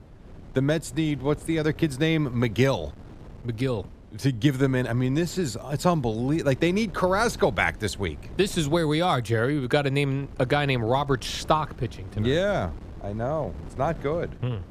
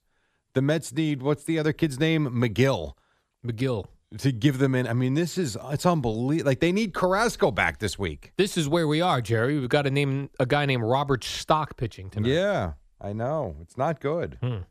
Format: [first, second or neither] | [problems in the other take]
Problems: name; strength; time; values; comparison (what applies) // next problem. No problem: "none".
second | wind noise on the microphone; occasional gusts; 25 dB below the speech